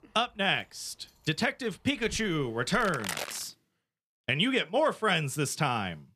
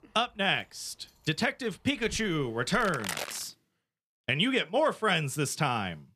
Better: neither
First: household noises; loud; until 3.5 s; 9 dB below the speech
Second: household noises; loud; until 3.5 s; 9 dB below the speech

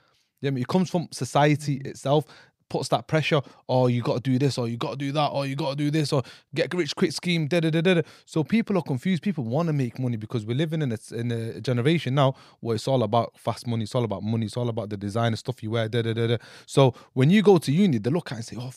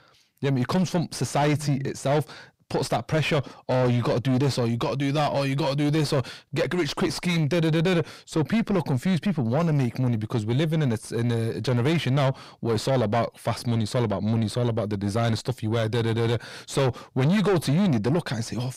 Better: first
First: none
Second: distortion; heavy; 7 dB below the speech

